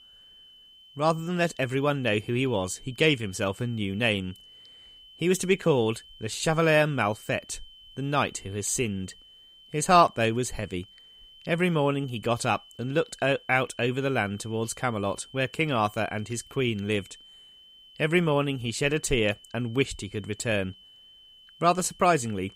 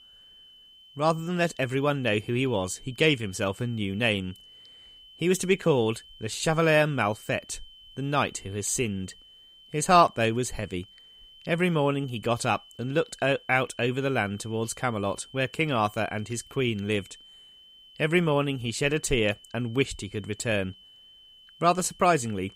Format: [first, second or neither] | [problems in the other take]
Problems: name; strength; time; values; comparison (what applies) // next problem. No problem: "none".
neither | high-pitched whine; faint; throughout; 3 kHz, 25 dB below the speech; the same in both